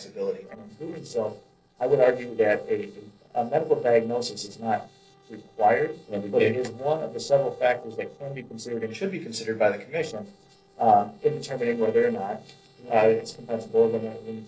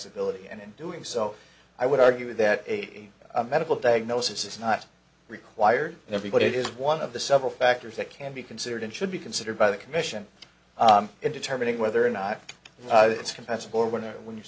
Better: second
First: noise reduction (neural separator model SepFormer DNS4)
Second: none

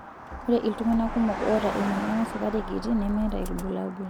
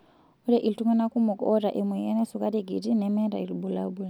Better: second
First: background sound (Motor vehicle (road) + Car passing by); 7 dB below the speech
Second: none

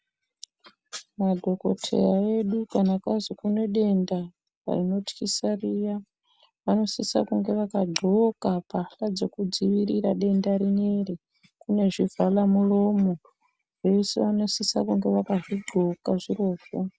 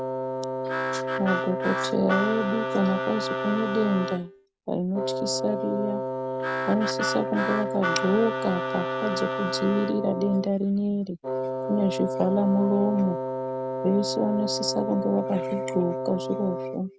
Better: first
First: none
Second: background sound (Harmonica + Wind instrument, woodwind instrument); 3 dB below the speech

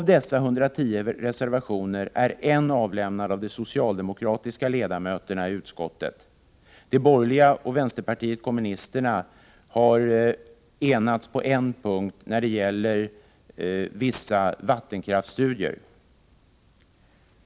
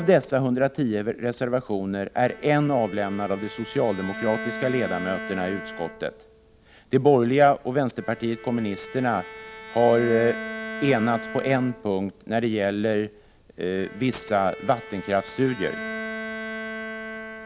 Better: first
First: none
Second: background sound (Bowed string instrument); 12 dB below the speech

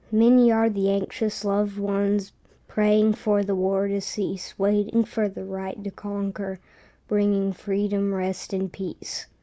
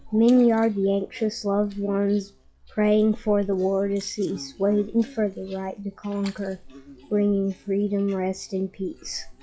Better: first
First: none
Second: noise reduction (classical method log-MMSE)

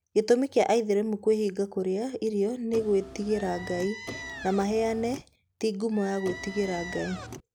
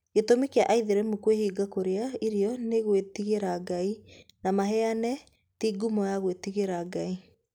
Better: second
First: background sound (Car + Squeak); 12 dB below the speech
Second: none

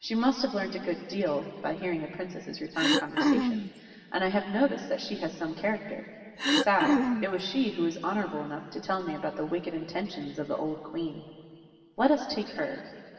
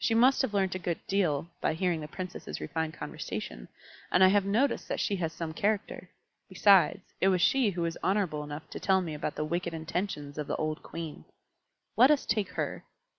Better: second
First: background sound (Cough); 4 dB above the speech // room echo; dies away in 2.4 s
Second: none

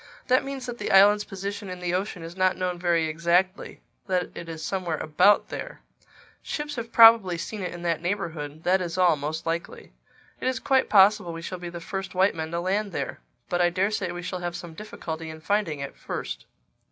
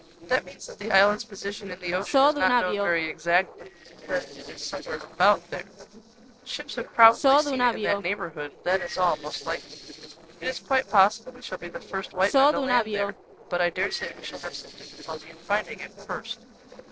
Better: first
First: none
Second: noise reduction (neural separator model SepFormer DNS4)

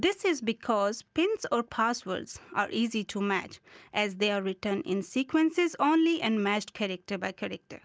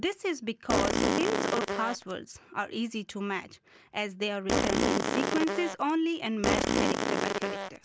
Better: first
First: none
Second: background sound (Fart); 4 dB above the speech

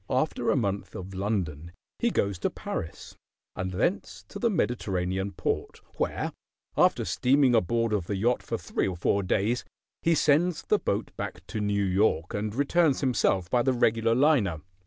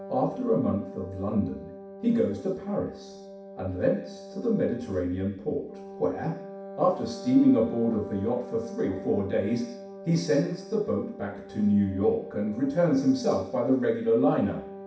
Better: first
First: none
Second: background sound (Wind instrument, woodwind instrument); 15 dB below the speech // room echo; dies away in 0.6 s

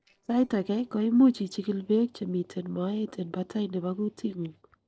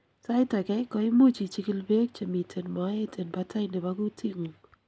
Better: second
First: noise reduction (neural separator model SepFormer DNS4)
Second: none

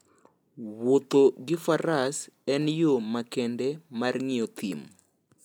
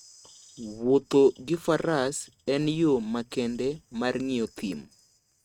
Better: first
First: none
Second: noise reduction (neural mask model RNNoise)

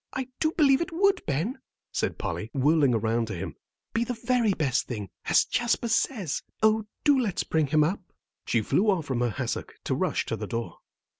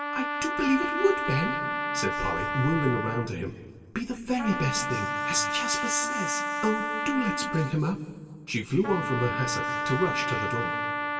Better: first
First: none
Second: background sound (Trumpet); 2 dB below the speech // room echo; dies away in 2.3 s

